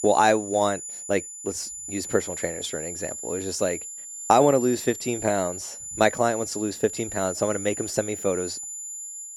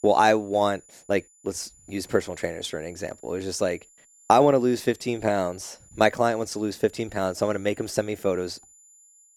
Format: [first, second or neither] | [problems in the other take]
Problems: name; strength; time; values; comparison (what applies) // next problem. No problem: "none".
second | high-pitched whine; loud; throughout; 7 kHz, 8 dB below the speech; faint in the second